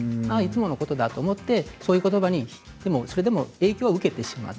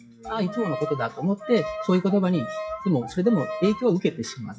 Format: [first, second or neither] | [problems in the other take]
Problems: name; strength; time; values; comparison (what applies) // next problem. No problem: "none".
first | noise reduction (classical method WPE with log-MMSE)